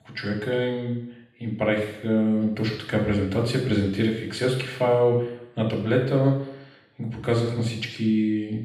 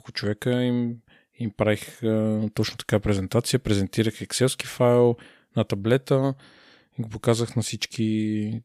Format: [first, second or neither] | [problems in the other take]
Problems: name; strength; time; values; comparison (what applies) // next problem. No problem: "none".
second | room echo; noticeable; dies away in 0.8 s // off-mic speech; far